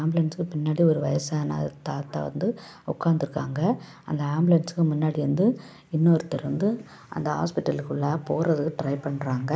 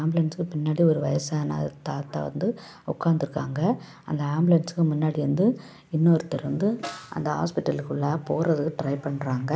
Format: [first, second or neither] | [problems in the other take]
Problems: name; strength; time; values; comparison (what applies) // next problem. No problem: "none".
first | background sound (Snare drum); 18 dB below the speech